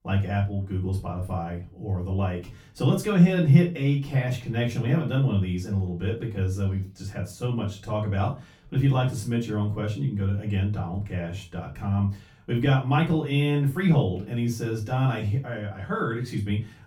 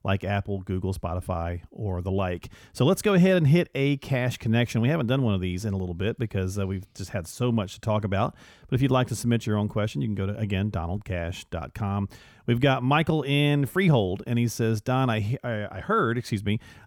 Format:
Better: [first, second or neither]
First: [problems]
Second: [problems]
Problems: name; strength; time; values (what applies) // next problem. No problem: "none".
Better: second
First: room echo; slight; dies away in 0.3 s // off-mic speech; far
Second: none